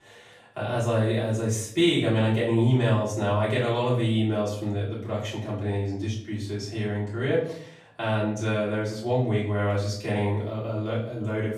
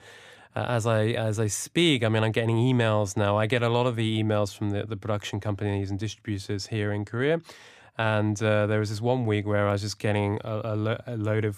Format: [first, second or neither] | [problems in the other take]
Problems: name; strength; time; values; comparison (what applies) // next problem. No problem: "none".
second | off-mic speech; far // room echo; noticeable; dies away in 0.5 s